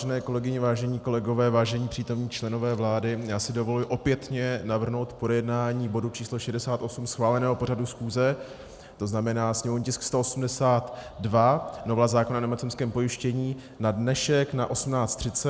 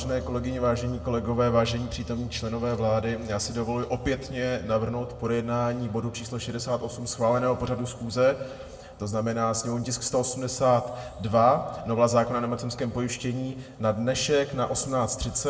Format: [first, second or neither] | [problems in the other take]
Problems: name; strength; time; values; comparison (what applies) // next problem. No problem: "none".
first | background sound (Piano); 19 dB below the speech // room echo; dies away in 1.5 s